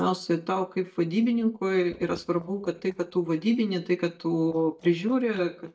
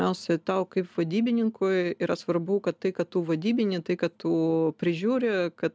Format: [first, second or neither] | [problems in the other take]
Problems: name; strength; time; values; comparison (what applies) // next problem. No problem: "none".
second | noise reduction (neural mask model DeepFilterNet 3)